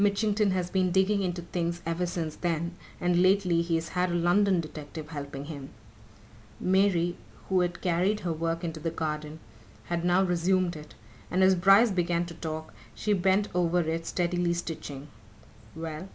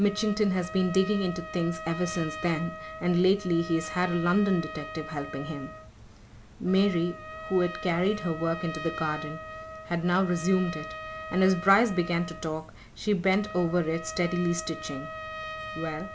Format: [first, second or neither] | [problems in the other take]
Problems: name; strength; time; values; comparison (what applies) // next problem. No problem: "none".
first | background sound (Trumpet); 12 dB below the speech